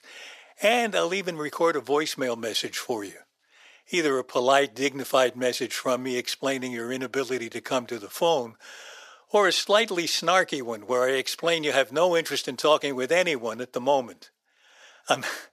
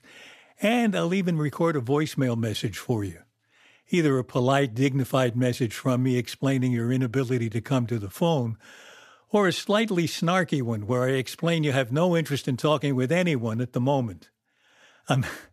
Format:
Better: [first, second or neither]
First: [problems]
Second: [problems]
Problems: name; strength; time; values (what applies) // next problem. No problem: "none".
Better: second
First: thin; somewhat; fading below 500 Hz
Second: none